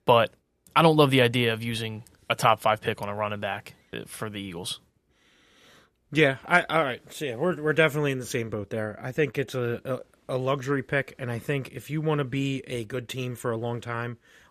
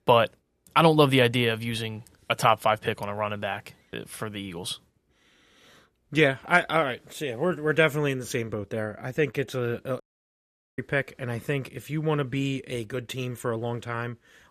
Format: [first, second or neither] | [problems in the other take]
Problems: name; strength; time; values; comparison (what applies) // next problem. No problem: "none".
first | audio cutting out; at 10 s for 1 s